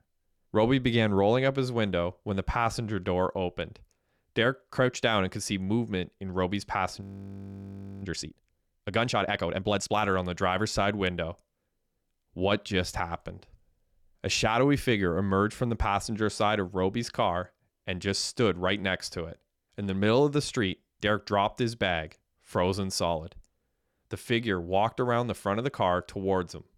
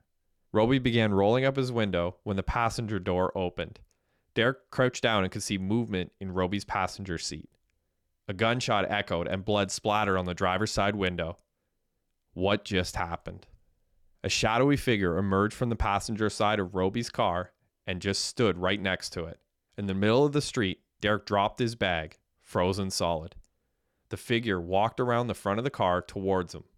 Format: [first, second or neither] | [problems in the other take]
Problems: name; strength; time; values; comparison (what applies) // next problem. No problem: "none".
second | audio freezing; at 7 s for 1 s